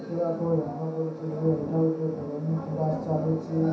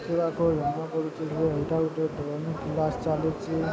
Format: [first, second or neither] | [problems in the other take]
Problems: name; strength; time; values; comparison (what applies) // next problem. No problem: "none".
second | room echo; dies away in 0.7 s